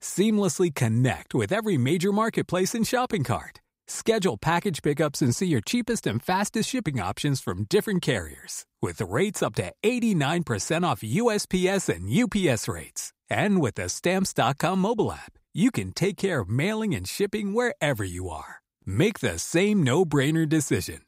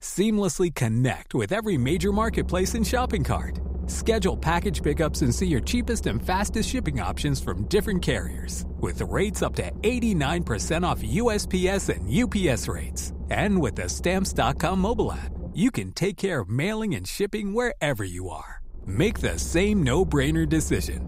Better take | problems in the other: first | low rumble; noticeable; throughout; 20 dB below the speech

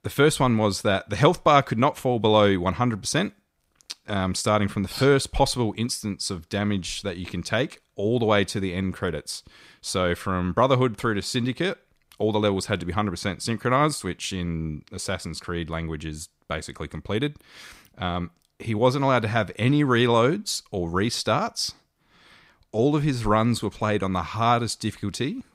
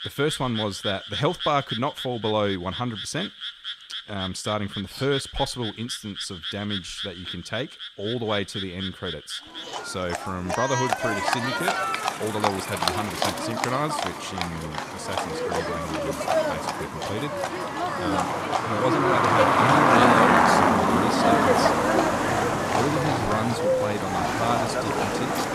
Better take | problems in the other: first | animal sounds; very loud; throughout; 5 dB above the speech

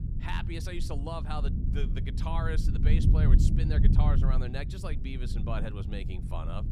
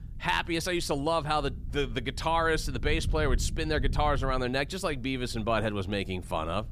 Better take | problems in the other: second | low rumble; loud; throughout; 4 dB below the speech; faint in the second

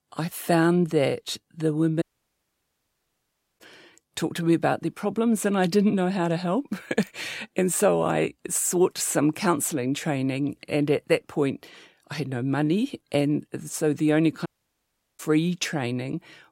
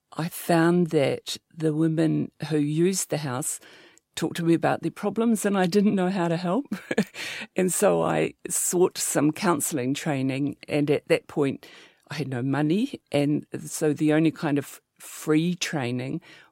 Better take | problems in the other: second | audio cutting out; at 2 s for 1.5 s and at 14 s for 0.5 s

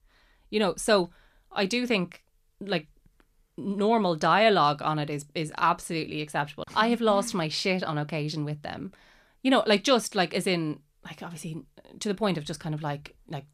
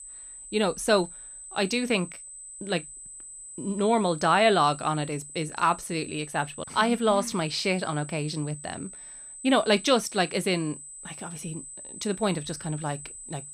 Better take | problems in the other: first | high-pitched whine; noticeable; throughout; 8 kHz, 15 dB below the speech

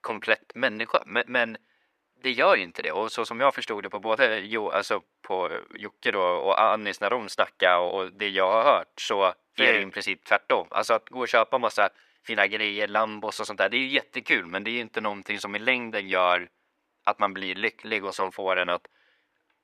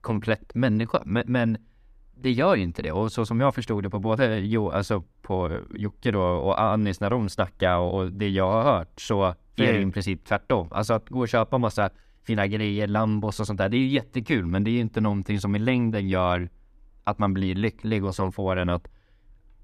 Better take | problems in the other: second | thin; very; fading below 500 Hz

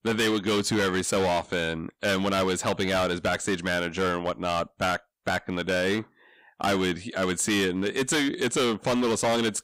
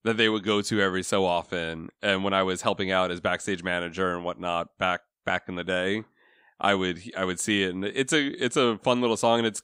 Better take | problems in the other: second | distortion; heavy; 16% of the sound clipped

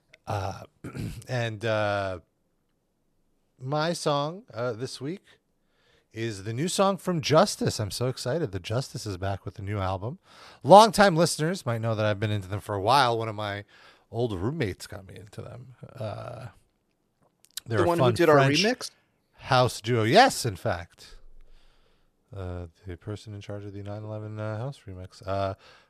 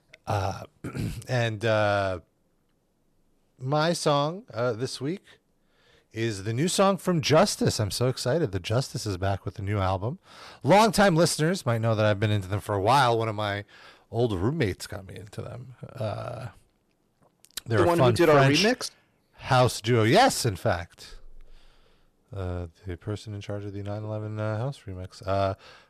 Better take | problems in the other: first | distortion; heavy; 8 dB below the speech

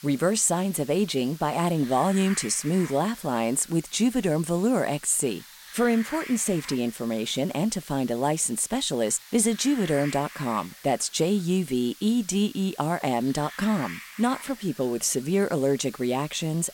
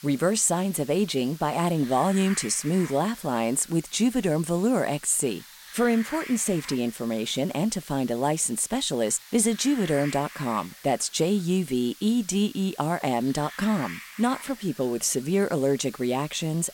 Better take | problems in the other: neither | hiss; noticeable; throughout; 15 dB below the speech; the same in both

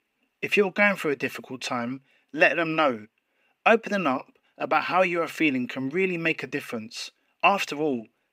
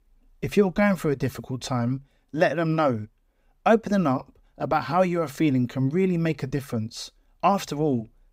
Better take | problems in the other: second | thin; very slightly; fading below 300 Hz

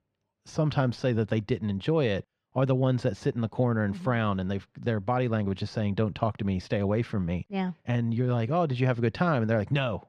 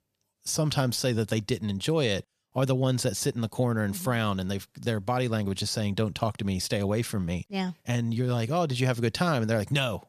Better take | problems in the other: second | muffled; slightly; fading above 2 kHz

